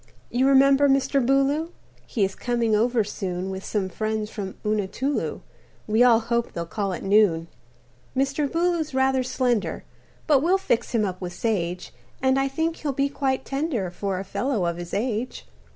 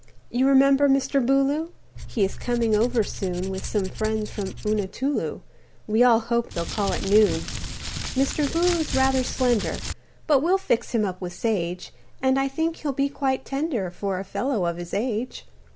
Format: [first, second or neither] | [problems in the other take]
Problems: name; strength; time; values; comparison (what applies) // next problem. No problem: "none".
first | background sound (Crumpling, crinkling + Tools); 7 dB below the speech